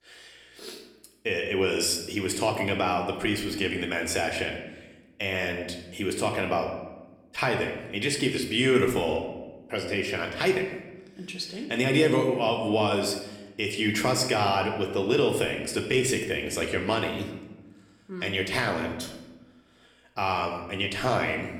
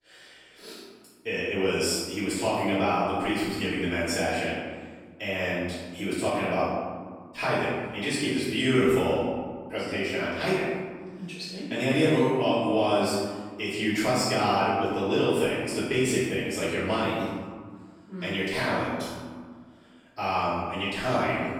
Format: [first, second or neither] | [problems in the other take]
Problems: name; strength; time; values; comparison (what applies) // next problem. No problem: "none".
first | room echo; strong; dies away in 1.6 s; slight in the first // off-mic speech; far